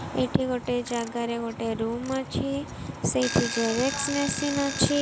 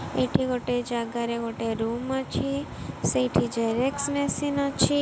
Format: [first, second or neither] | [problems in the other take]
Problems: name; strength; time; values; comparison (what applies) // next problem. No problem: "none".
second | background sound (Alarm / Clock); 11 dB below the speech